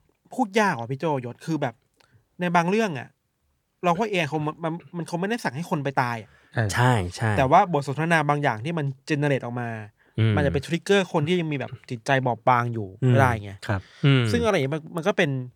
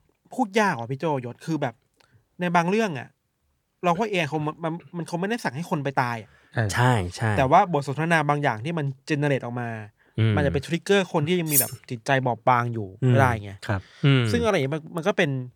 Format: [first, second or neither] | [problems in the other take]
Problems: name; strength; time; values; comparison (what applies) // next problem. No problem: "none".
first | clattering dishes; loud; at 12 s; peak 3 dB above the speech